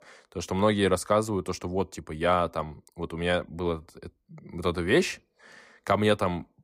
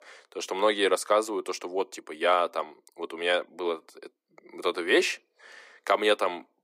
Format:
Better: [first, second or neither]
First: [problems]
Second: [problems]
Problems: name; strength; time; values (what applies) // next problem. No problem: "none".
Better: first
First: none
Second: thin; very; fading below 300 Hz